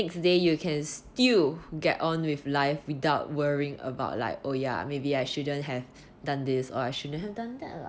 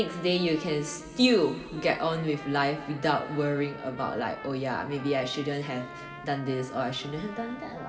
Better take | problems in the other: first | background sound (Trumpet); 16 dB below the speech // room echo; dies away in 2.3 s

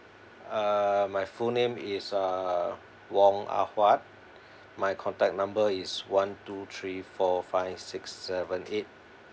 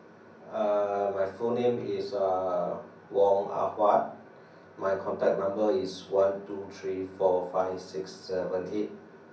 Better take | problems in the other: first | room echo; dies away in 0.6 s

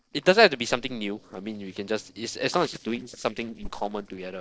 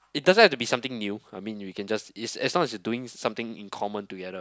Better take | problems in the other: second | noise reduction (neural separator model SepFormer DNS4)

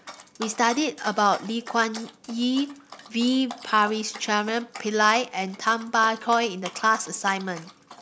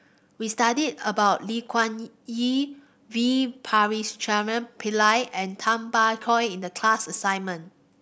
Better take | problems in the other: second | background sound (Dog); 18 dB below the speech

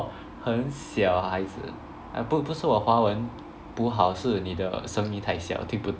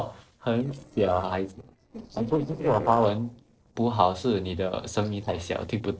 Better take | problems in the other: first | noise reduction (neural separator model SepFormer DNS4)

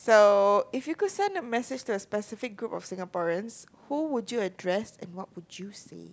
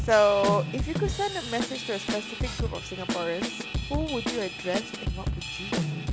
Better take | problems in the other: first | background sound (Drum / Drum kit); 2 dB below the speech

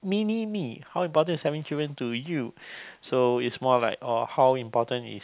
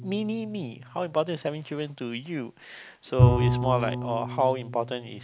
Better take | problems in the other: first | background sound (Bowed string instrument); as loud as the speech

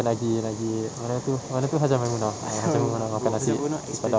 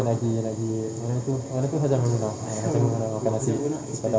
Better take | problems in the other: first | room echo; dies away in 2 s

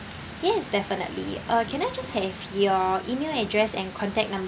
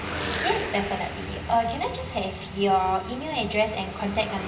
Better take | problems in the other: first | background sound (Car passing by / Traffic noise, roadway noise / Engine); 10 dB below the speech // room echo; dies away in 1 s

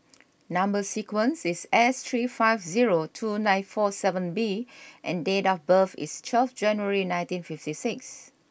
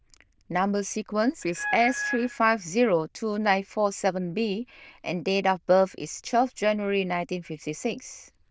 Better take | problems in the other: first | noise reduction (neural diffusion model UNIVERSE++)

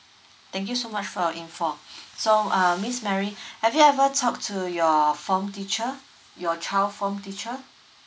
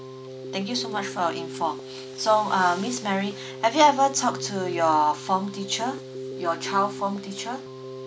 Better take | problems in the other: first | background sound (Keyboard (musical)); 11 dB below the speech

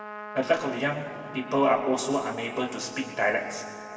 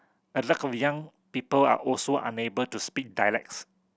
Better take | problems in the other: second | background sound (Trumpet); 14 dB below the speech // room echo; dies away in 2.6 s

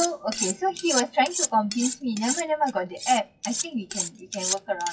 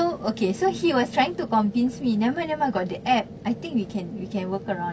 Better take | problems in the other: second | noise reduction (classical method WPE with log-MMSE)

